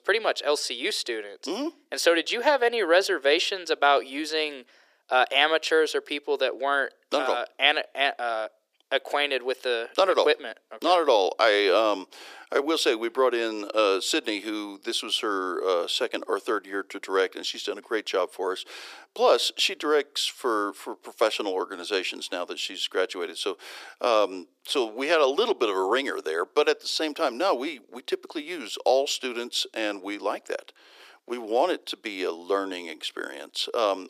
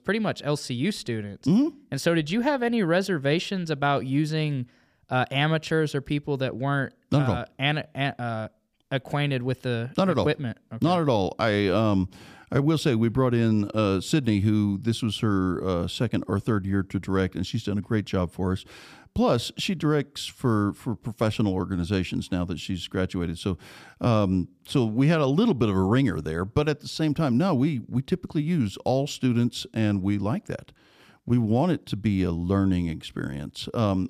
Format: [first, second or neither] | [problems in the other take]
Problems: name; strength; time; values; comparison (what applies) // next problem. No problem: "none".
second | thin; very; fading below 350 Hz